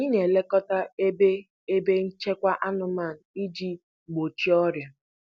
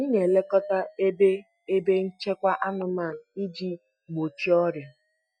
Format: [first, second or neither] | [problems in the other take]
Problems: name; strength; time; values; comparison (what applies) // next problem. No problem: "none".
first | noise reduction (neural mask model DeepFilterNet 3)